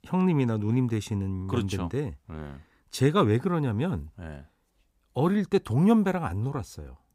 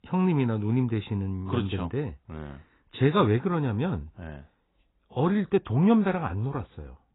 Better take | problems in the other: first | garbled, watery; badly; nothing above 4 kHz

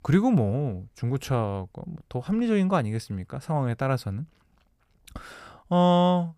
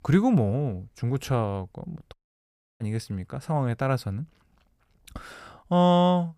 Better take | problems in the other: first | audio cutting out; at 2 s for 0.5 s

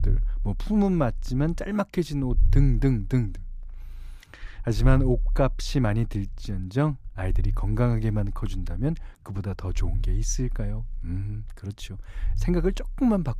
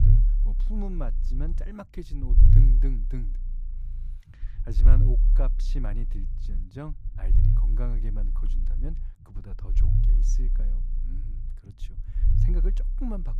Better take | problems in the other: first | low rumble; loud; throughout; 1 dB below the speech; faint in the first

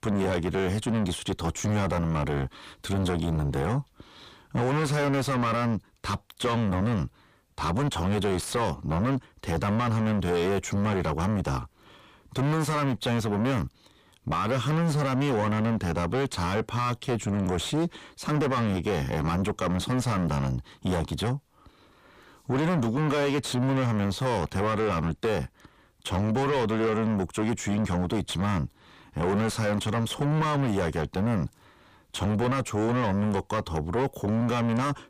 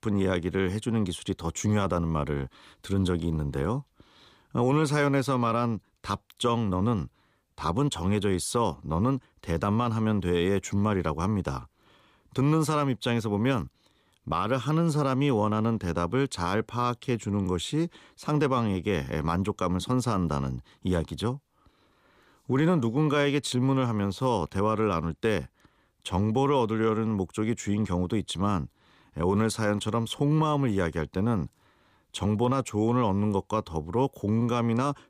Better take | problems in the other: second | distortion; heavy; 6 dB below the speech

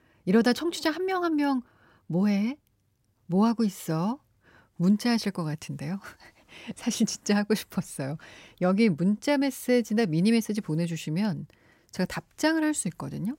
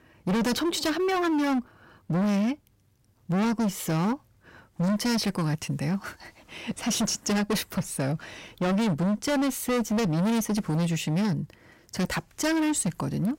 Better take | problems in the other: first | distortion; heavy; 25% of the sound clipped

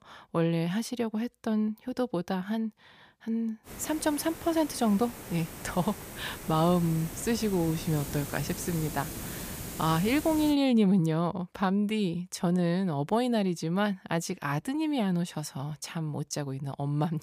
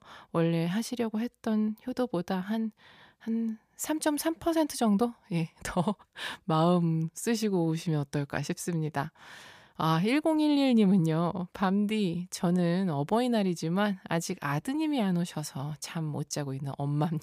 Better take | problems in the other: second | hiss; noticeable; from 3.5 to 11 s; 10 dB below the speech

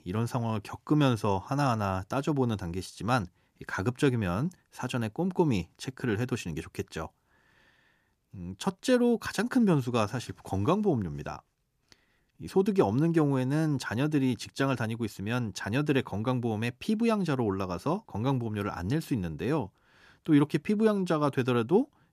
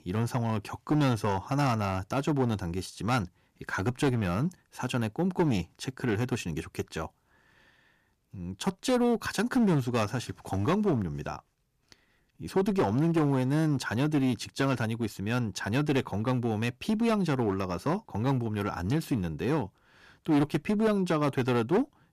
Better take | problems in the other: first | distortion; slight; 6% of the sound clipped

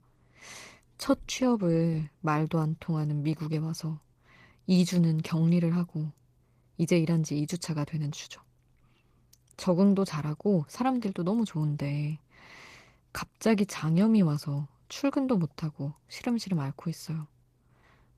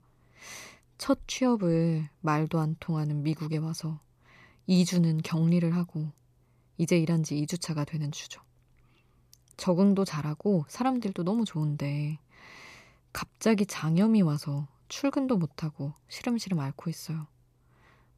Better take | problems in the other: second | garbled, watery; slightly; nothing above 14.5 kHz

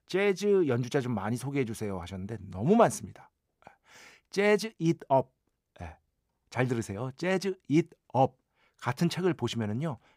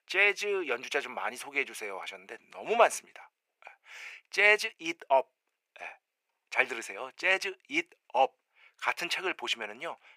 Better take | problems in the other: first | thin; very; fading below 500 Hz

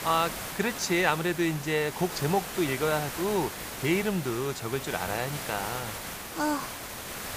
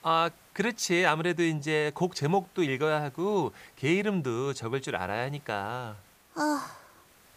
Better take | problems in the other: second | hiss; loud; throughout; 7 dB below the speech; faint in the second

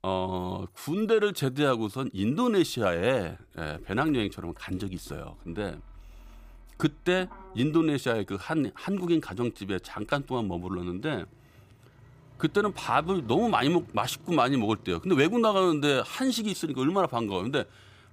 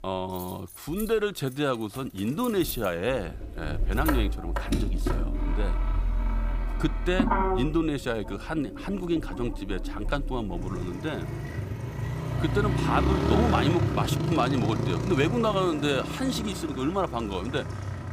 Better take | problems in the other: first | traffic noise; loud; throughout; 1 dB below the speech; faint in the first

